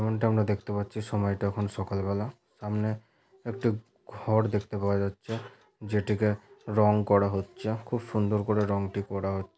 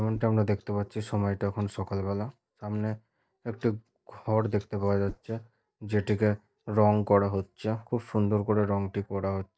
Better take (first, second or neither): first